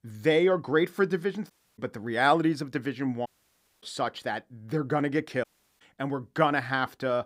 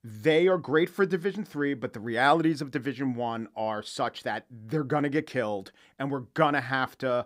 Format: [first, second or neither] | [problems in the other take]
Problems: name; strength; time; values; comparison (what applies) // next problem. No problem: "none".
second | audio cutting out; at 1.5 s, at 3.5 s for 0.5 s and at 5.5 s